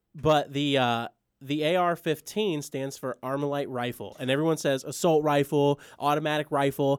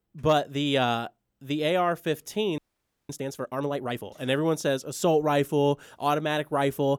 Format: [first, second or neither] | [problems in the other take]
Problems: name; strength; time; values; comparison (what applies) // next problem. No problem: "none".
first | audio freezing; at 2.5 s for 0.5 s